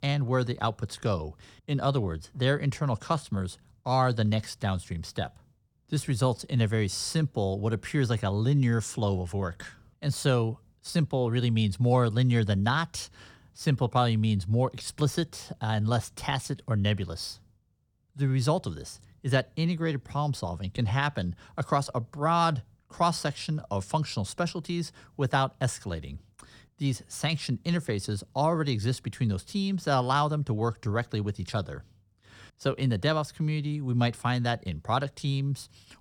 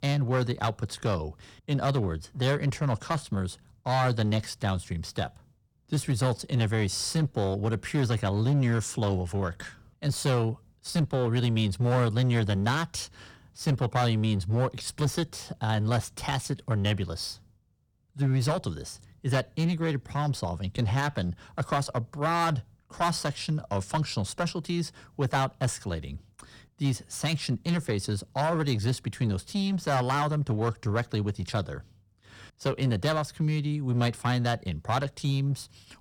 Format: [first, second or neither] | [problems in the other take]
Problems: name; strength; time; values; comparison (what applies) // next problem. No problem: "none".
first | distortion; slight; 9% of the sound clipped